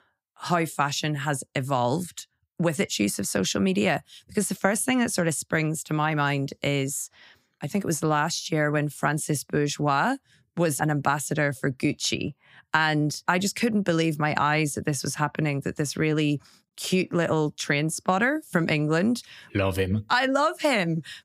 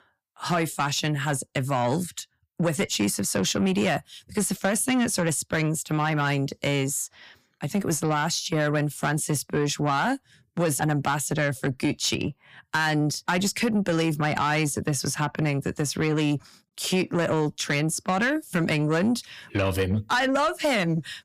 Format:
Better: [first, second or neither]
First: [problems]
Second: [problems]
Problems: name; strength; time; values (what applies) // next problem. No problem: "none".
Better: first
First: none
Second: distortion; slight; 10 dB below the speech